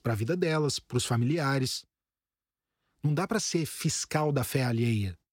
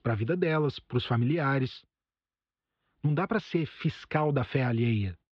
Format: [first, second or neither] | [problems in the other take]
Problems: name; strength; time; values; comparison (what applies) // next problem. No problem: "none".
first | muffled; very; fading above 3.5 kHz